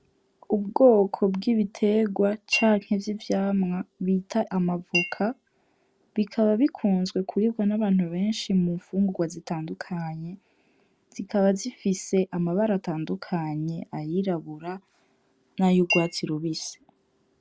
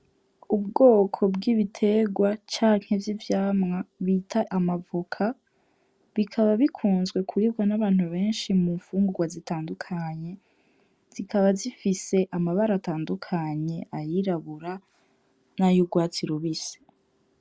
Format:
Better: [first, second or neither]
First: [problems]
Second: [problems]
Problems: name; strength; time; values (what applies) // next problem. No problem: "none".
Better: second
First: background sound (Chink, clink); 7 dB below the speech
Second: none